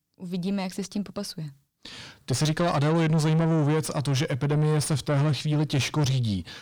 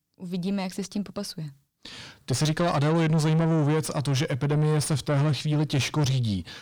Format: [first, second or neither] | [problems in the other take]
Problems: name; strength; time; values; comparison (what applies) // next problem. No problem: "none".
neither | distortion; slight; 9 dB below the speech; the same in both